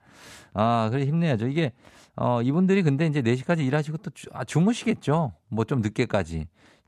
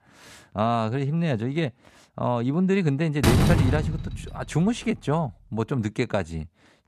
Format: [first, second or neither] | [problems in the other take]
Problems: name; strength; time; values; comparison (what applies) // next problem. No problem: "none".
first | door banging; loud; from 3 to 4.5 s; peak 6 dB above the speech